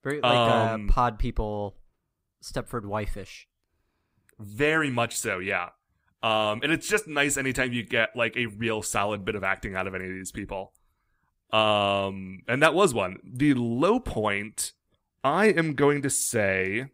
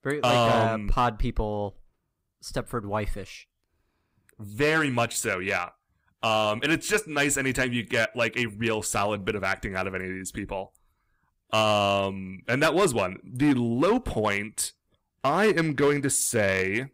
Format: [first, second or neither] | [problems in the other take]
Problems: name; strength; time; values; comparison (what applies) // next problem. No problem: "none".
first | distortion; slight; 3% of the sound clipped